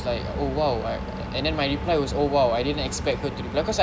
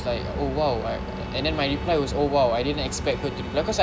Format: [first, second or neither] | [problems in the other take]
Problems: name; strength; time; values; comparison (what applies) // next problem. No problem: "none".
first | background sound (Bowed string instrument); 19 dB below the speech